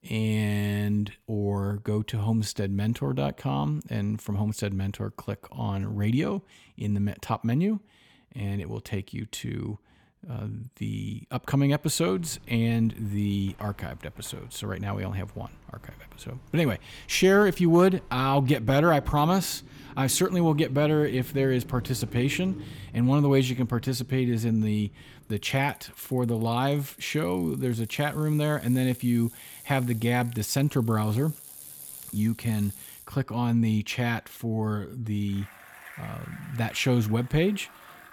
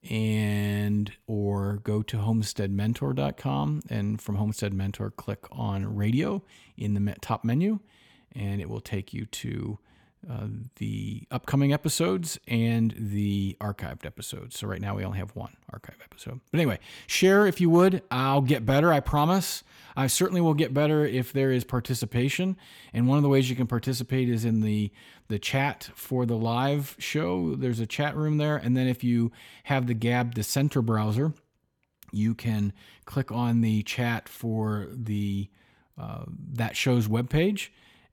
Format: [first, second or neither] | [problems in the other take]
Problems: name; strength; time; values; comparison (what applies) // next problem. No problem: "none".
second | traffic noise; noticeable; from 12 s on; 20 dB below the speech